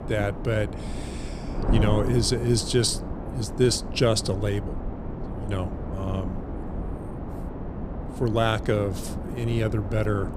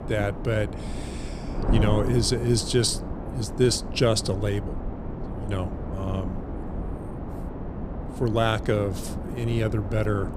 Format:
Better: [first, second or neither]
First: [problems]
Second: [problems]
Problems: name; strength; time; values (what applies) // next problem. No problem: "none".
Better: neither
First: wind noise on the microphone; occasional gusts; 10 dB below the speech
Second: wind noise on the microphone; occasional gusts; 10 dB below the speech